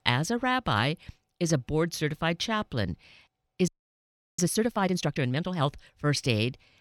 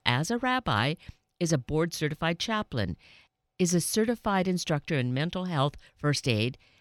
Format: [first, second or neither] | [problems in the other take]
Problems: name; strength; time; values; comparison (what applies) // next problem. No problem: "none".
second | audio freezing; at 3.5 s for 0.5 s